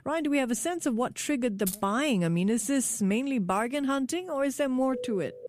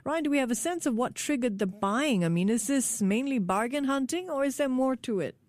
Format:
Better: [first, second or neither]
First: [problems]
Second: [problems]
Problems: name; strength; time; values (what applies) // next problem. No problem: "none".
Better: second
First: jangling keys; noticeable; at 1.5 s; peak 7 dB below the speech // phone ringing; faint; at 5 s; peak 10 dB below the speech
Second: none